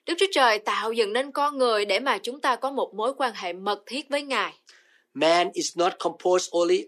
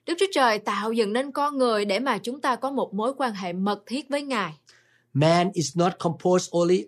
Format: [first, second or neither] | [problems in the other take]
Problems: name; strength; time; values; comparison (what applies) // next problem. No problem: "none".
second | thin; somewhat; fading below 300 Hz